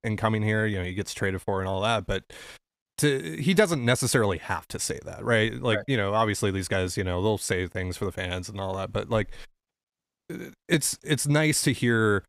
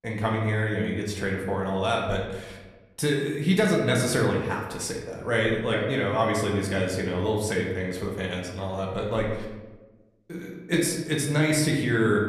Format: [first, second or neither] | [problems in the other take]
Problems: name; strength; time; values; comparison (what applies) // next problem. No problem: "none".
first | room echo; noticeable; dies away in 1 s // off-mic speech; somewhat distant